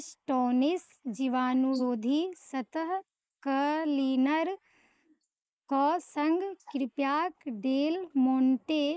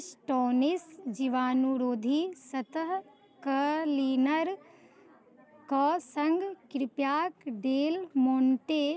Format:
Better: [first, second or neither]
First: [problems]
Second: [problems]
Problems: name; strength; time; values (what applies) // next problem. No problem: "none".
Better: second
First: noise reduction (neural mask model Resemble Enhance denoiser)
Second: none